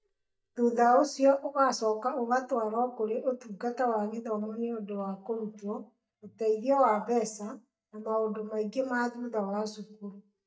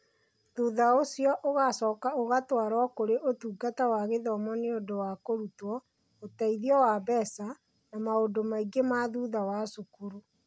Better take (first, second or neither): second